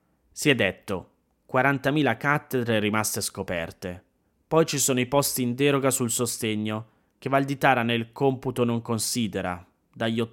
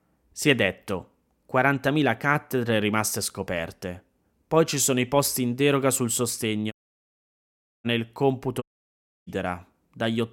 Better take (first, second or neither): first